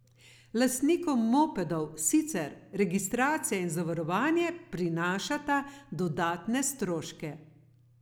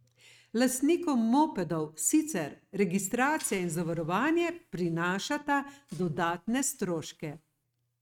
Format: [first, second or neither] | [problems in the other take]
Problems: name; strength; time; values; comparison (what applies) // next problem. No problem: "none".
first | noise reduction (neural mask model RNNoise)